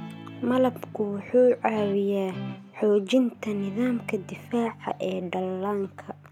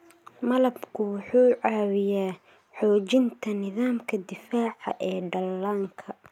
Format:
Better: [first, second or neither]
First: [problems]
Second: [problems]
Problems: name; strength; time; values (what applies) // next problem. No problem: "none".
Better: second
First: background sound (Guitar); 16 dB below the speech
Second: none